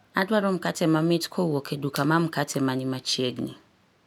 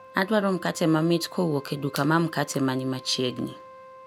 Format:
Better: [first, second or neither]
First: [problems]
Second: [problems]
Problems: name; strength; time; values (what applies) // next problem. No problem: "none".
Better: first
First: none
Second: background sound (Wind instrument, woodwind instrument); 20 dB below the speech